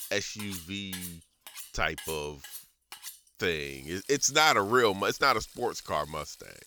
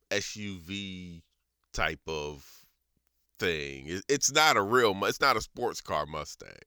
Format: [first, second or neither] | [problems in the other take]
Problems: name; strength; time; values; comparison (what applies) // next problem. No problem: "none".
second | household noises; noticeable; throughout; 15 dB below the speech